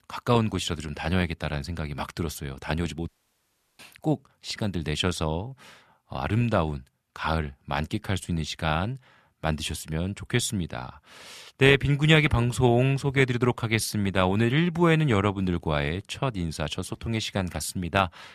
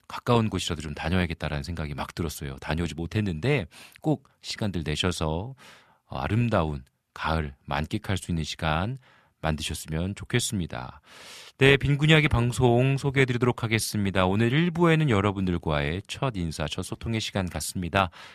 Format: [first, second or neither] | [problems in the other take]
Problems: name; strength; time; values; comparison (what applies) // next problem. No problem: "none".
second | audio cutting out; at 3 s for 0.5 s